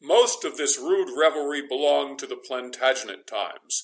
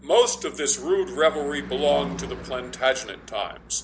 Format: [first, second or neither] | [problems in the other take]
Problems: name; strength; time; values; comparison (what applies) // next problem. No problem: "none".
first | background sound (Car passing by / Engine / Truck); 14 dB below the speech